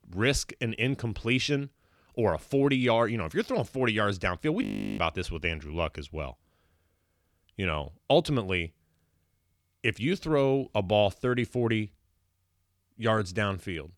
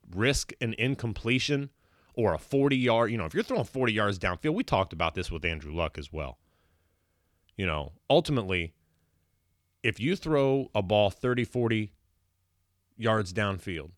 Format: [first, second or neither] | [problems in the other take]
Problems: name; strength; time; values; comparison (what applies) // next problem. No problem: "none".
second | audio freezing; at 4.5 s